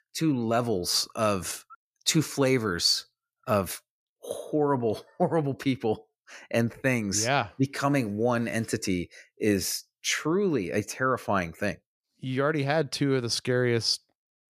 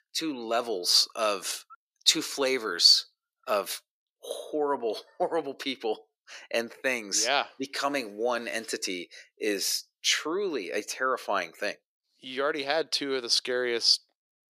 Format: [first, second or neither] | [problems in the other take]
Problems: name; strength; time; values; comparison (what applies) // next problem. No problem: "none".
first | thin; somewhat; fading below 350 Hz